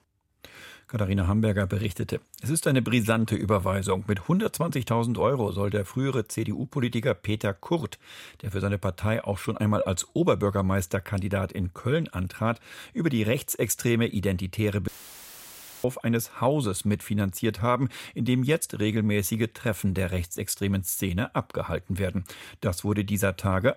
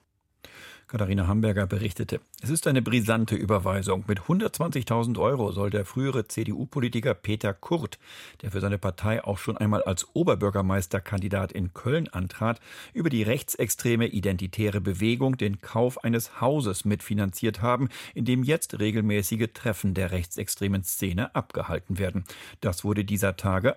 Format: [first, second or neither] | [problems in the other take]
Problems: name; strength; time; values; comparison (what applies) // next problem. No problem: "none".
second | audio cutting out; filled with static; at 15 s for 1 s